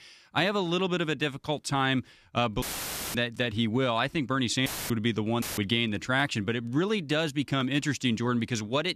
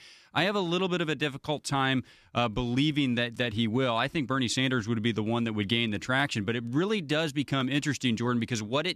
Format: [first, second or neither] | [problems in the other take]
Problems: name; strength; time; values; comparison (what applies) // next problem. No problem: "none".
second | audio cutting out; filled with static; at 2.5 s for 0.5 s, at 4.5 s and at 5.5 s